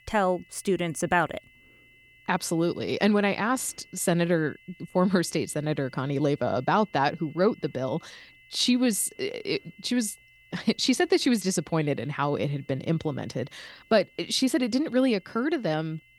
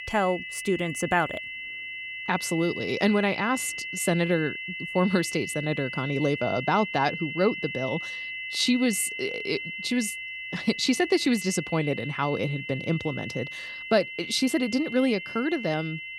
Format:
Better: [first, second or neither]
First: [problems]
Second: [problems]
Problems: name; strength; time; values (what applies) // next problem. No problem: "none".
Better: first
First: high-pitched whine; faint; throughout; 2 kHz, 30 dB below the speech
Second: high-pitched whine; loud; throughout; 2 kHz, 7 dB below the speech